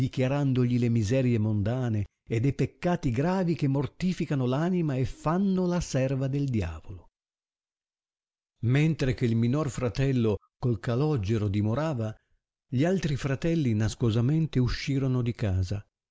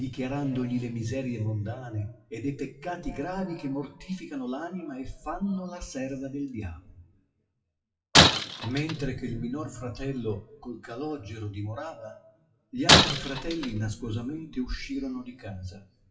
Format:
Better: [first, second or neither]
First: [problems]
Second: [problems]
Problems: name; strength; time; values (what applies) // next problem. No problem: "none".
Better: first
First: none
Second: noise reduction (classical method WPE with log-MMSE)